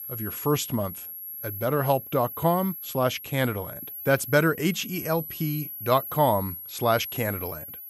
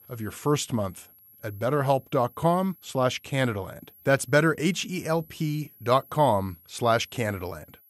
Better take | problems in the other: second | high-pitched whine; loud; throughout; 11.5 kHz, 9 dB below the speech; faint in the second

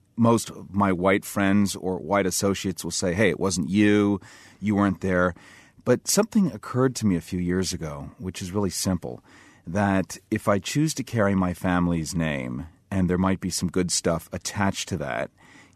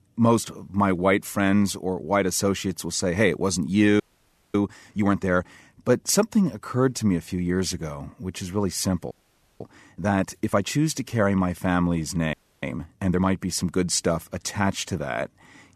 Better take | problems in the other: first | audio freezing; at 4 s for 0.5 s, at 9 s and at 12 s

